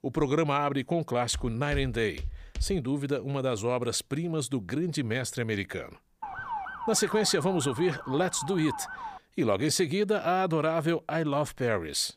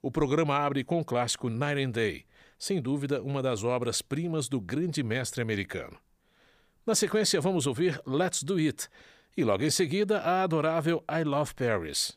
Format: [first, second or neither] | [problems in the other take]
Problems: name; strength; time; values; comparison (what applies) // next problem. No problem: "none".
second | footsteps; noticeable; from 1.5 to 3 s; peak 9 dB below the speech // siren; noticeable; from 6 to 9 s; peak 7 dB below the speech